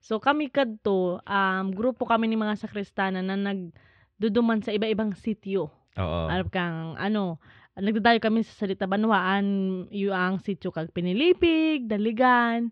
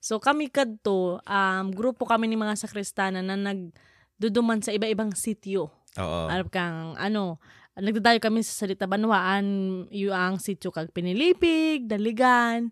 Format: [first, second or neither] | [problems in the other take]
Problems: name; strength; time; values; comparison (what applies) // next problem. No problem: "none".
second | muffled; slightly; fading above 3.5 kHz